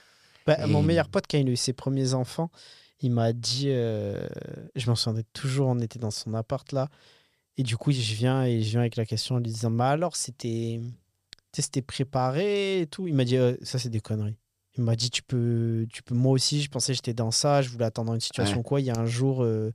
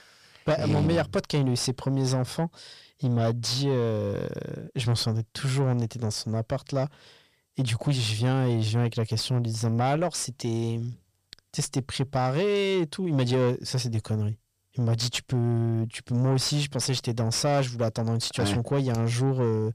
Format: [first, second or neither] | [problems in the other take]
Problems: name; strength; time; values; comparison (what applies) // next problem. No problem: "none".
first | distortion; slight; 10 dB below the speech